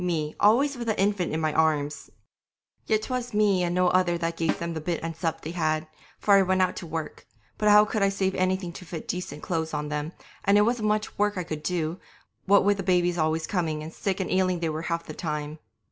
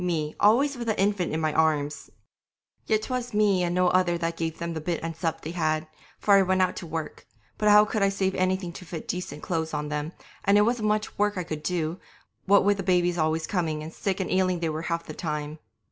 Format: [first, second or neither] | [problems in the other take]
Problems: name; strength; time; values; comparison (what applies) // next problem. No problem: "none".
second | background sound (Snare drum); 10 dB below the speech